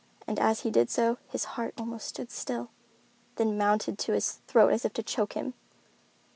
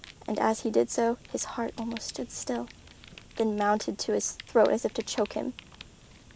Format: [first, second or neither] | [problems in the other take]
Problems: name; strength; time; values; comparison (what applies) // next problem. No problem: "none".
first | background sound (Fire); 20 dB below the speech